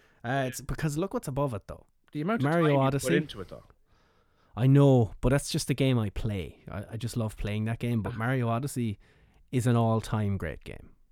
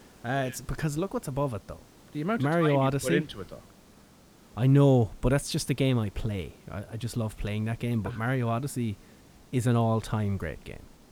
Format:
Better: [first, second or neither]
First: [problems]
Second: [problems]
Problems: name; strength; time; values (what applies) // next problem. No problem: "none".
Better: first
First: none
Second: hiss; faint; throughout; 25 dB below the speech